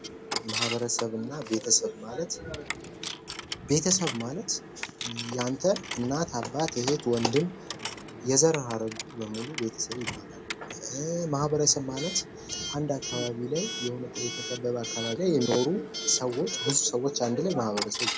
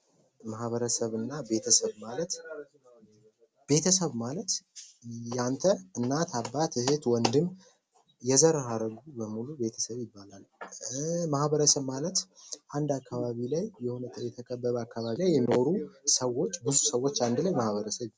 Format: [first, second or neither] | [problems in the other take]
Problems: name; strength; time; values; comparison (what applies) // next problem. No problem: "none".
second | background sound (Coin (dropping) / Alarm); 8 dB below the speech